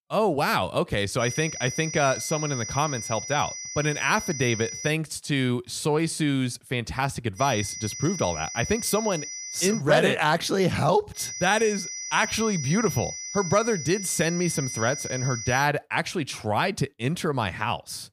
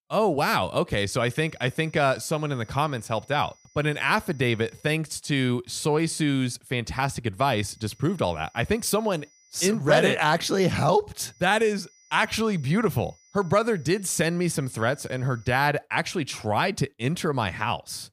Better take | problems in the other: second | high-pitched whine; loud; from 1 to 5 s, from 7.5 to 10 s and from 11 to 16 s; 6 kHz, 7 dB below the speech; faint in the second

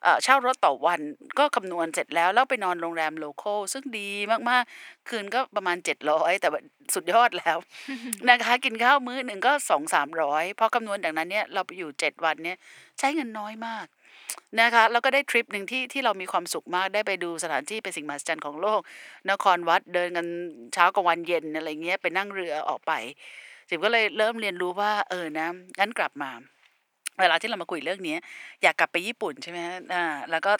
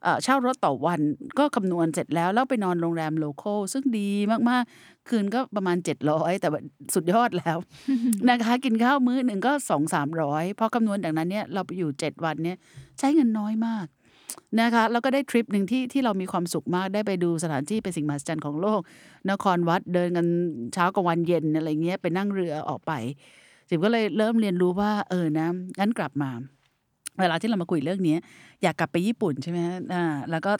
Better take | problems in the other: second | thin; very; fading below 650 Hz

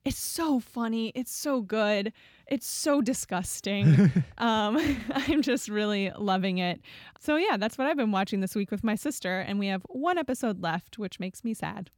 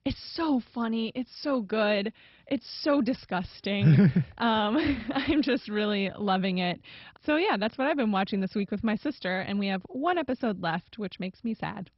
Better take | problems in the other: first | garbled, watery; badly; nothing above 5.5 kHz

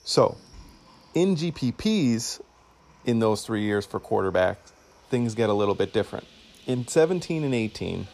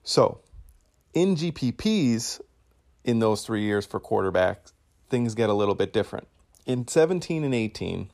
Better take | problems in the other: second | animal sounds; faint; throughout; 25 dB below the speech

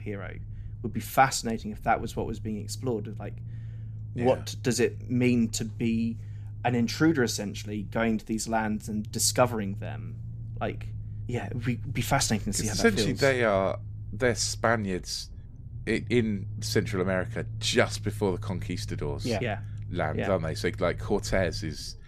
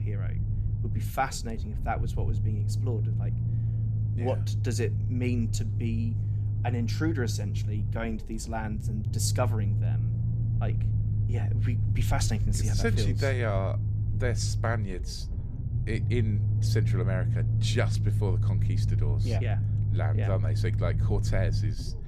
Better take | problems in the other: first | low rumble; loud; throughout; 7 dB below the speech; faint in the first

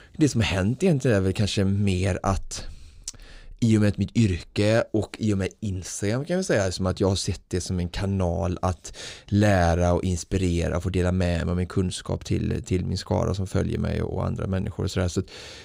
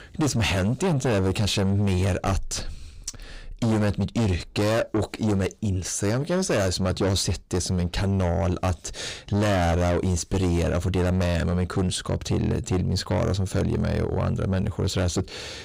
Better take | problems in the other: first | distortion; heavy; 7 dB below the speech

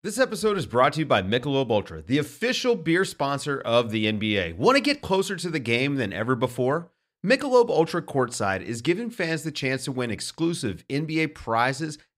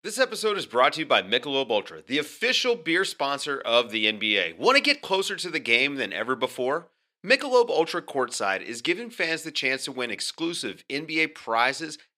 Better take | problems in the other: first | thin; somewhat; fading below 350 Hz

